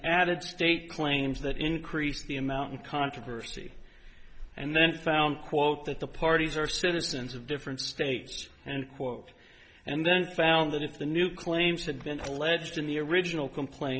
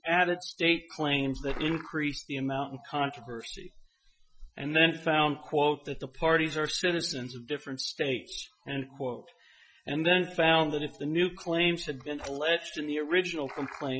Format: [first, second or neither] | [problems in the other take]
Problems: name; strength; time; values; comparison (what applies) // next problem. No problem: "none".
first | noise reduction (classical method Wiener filter)